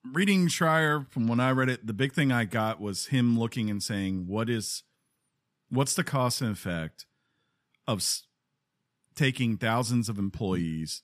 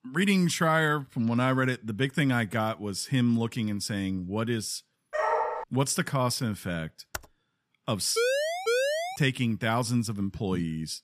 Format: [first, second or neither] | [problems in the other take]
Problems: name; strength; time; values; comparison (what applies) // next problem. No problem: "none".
first | dog barking; loud; at 5 s; peak 1 dB above the speech // keyboard typing; very faint; at 7 s; peak 15 dB below the speech // siren; loud; from 8 to 9 s; peak 2 dB above the speech